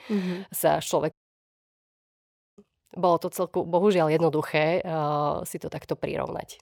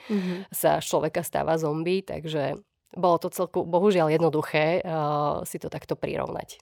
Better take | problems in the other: second | audio cutting out; at 1 s for 1.5 s

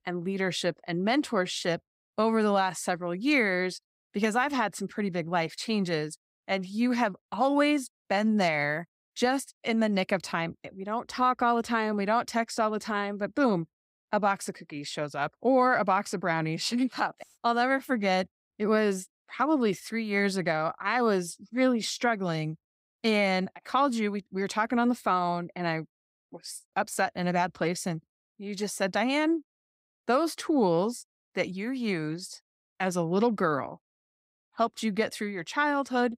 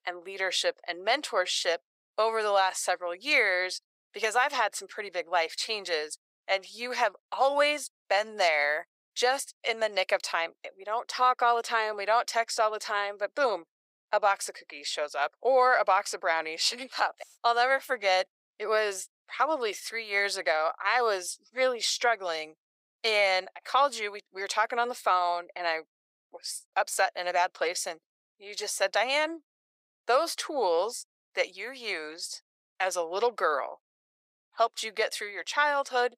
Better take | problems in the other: first | thin; very; fading below 500 Hz

